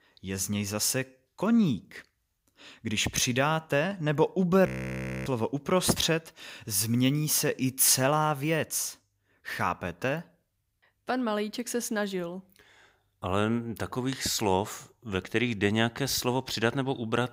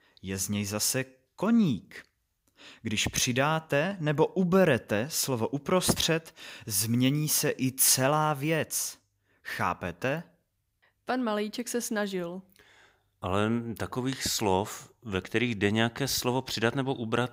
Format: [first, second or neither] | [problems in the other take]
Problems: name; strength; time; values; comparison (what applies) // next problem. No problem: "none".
second | audio freezing; at 4.5 s for 0.5 s